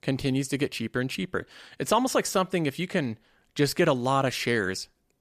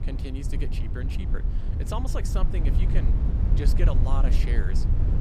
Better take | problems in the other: first | low rumble; loud; throughout; 3 dB below the speech

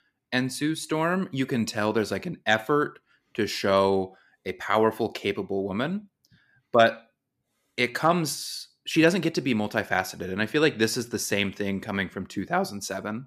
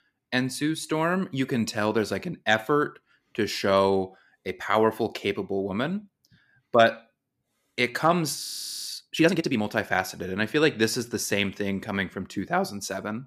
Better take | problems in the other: first | audio freezing; at 8.5 s

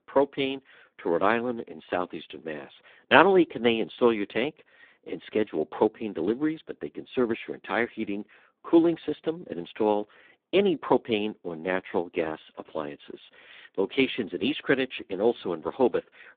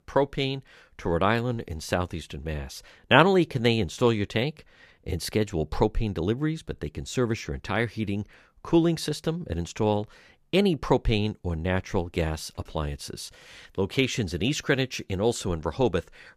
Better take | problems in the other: second | phone-call audio; poor line

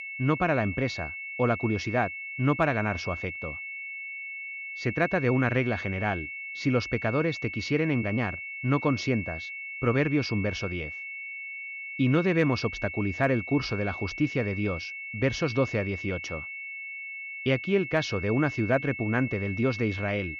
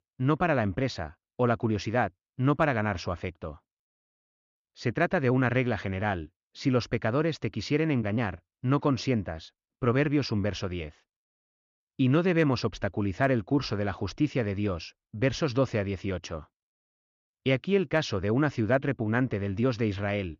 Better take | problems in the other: second | high-pitched whine; loud; throughout; 2 kHz, 7 dB below the speech

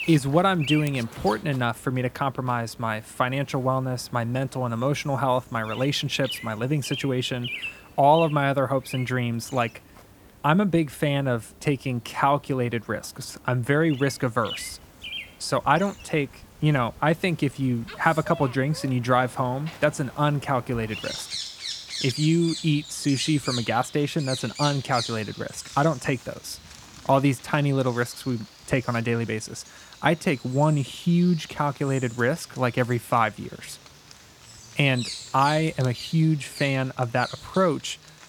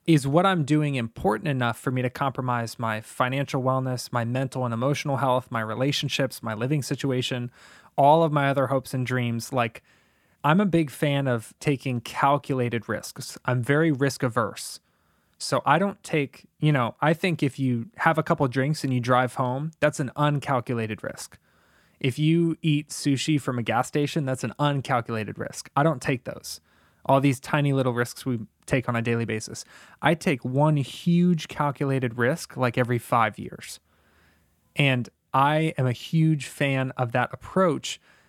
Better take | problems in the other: second | animal sounds; noticeable; throughout; 10 dB below the speech

